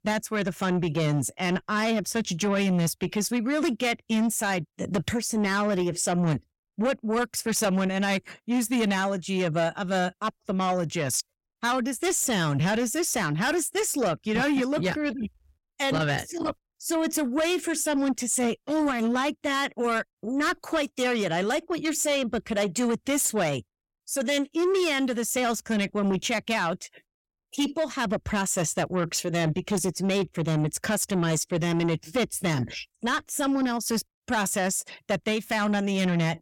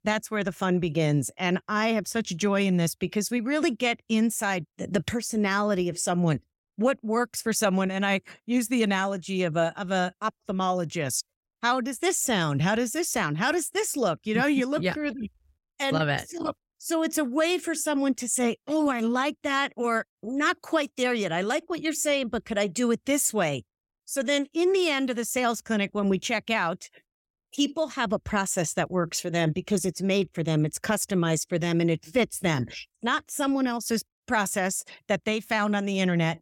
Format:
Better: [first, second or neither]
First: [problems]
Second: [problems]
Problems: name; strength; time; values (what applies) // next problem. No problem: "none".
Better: second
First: distortion; slight; 10 dB below the speech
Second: none